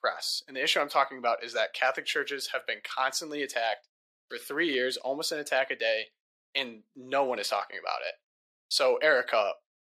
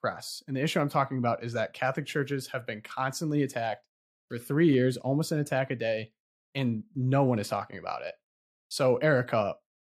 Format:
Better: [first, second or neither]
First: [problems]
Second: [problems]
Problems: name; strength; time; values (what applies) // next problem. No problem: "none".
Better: second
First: thin; very; fading below 450 Hz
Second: none